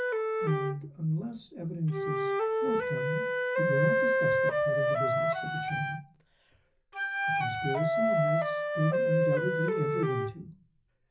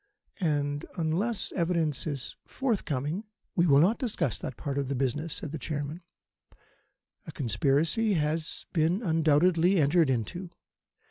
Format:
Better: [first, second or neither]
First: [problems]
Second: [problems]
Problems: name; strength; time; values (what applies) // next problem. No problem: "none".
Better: second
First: background sound (Wind instrument, woodwind instrument); 5 dB above the speech // room echo; dies away in 0.4 s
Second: none